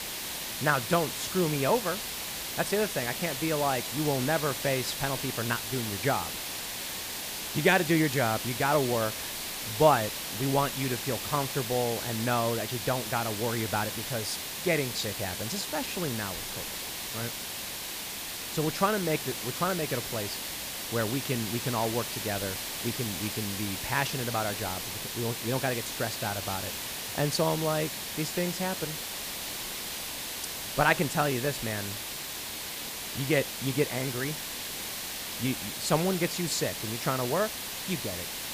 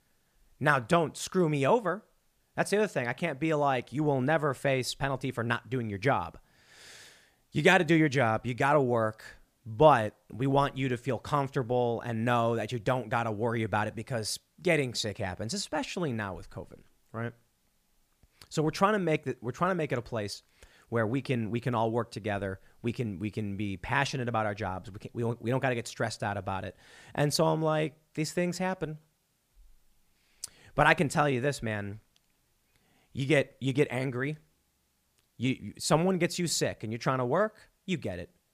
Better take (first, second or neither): second